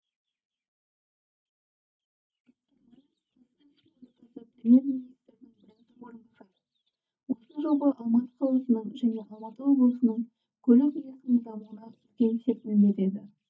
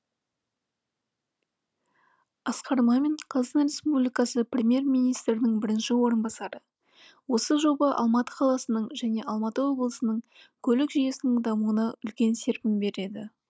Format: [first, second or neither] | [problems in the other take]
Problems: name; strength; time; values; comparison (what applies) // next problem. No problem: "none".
second | noise reduction (neural mask model DeepFilterNet 3)